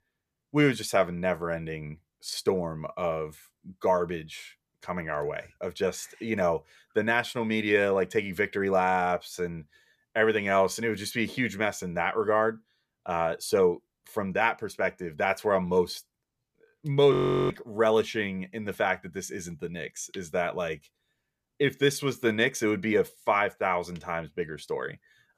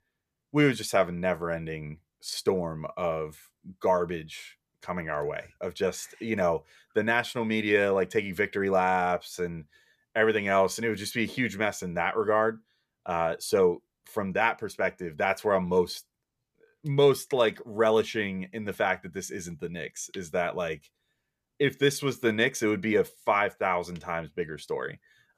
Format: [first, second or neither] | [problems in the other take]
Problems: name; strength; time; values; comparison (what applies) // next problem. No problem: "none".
second | audio freezing; at 17 s